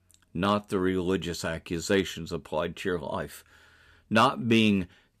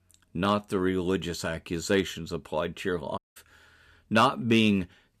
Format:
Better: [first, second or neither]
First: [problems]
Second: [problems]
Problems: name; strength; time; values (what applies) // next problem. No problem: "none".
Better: first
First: none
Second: audio cutting out; at 3 s